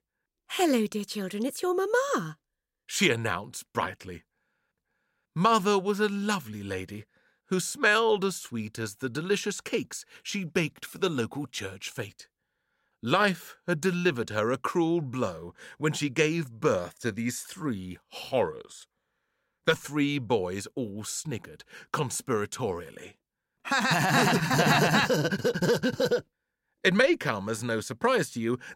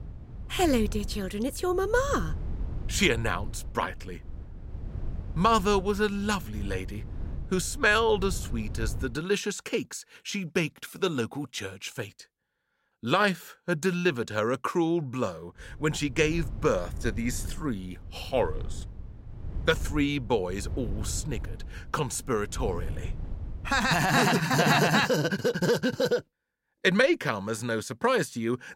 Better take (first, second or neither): first